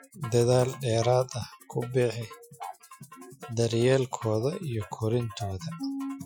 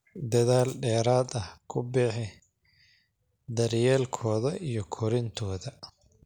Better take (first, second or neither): second